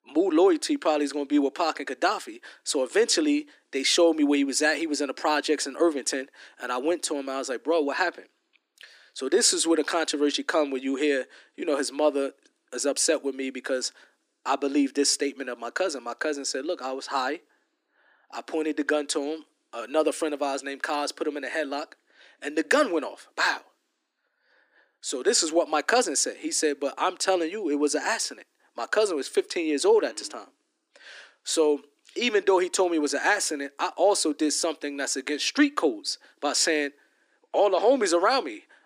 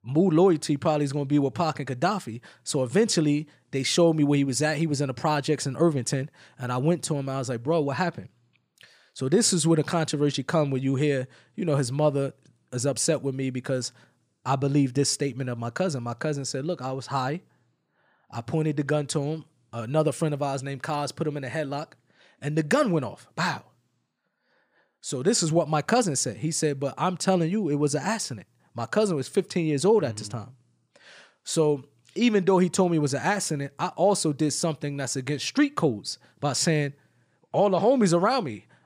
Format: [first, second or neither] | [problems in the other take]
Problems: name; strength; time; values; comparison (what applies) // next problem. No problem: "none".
second | thin; very slightly; fading below 300 Hz